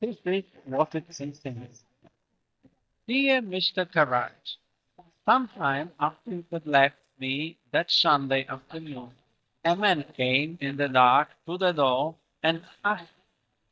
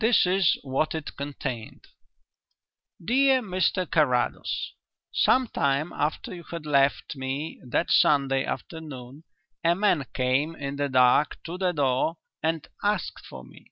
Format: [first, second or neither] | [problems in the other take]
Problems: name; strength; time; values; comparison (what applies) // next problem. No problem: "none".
second | noise reduction (neural mask model DeepFilterNet 3)